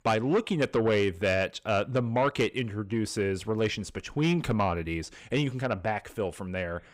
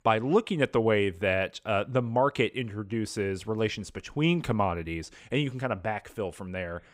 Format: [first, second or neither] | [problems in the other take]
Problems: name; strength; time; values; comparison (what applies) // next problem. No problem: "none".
second | distortion; slight; 10 dB below the speech